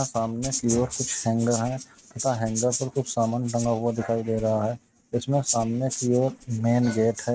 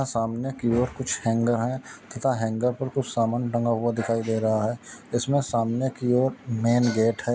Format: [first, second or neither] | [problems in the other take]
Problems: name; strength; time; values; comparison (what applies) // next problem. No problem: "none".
second | noise reduction (neural mask model RNNoise)